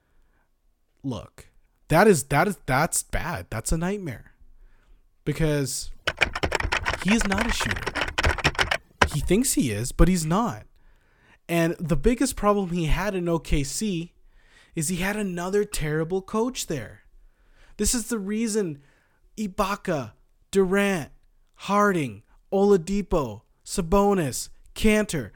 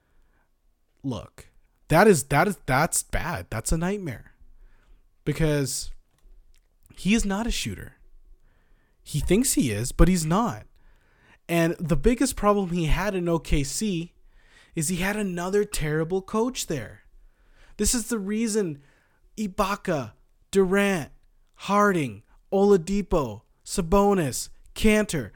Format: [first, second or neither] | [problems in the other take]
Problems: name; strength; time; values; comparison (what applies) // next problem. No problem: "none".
second | keyboard typing; loud; from 6 to 9 s; peak 2 dB above the speech